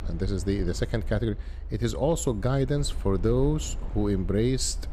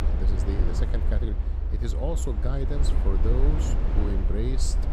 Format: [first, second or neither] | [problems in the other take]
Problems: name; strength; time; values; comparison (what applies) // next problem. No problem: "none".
first | low rumble; loud; throughout; 3 dB below the speech; faint in the first